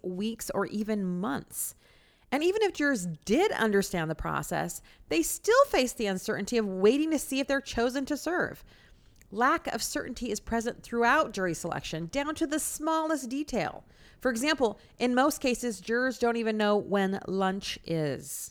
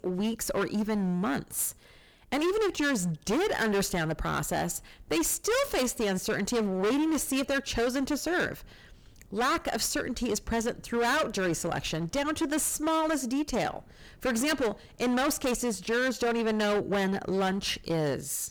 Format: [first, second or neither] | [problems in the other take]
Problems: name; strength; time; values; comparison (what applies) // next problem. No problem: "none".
first | distortion; heavy; 19% of the sound clipped